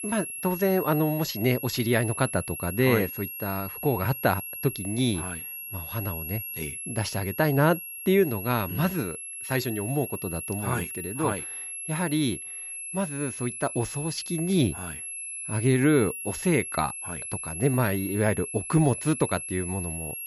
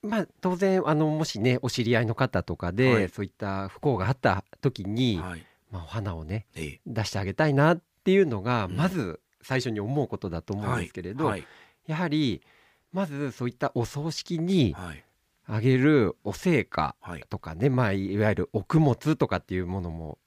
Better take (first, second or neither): second